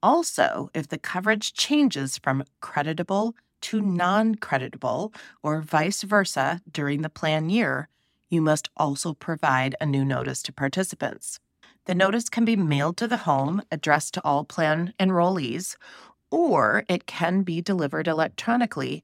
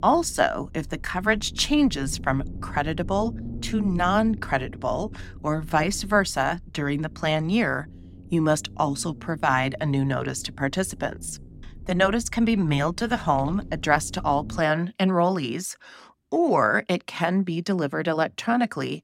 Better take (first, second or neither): first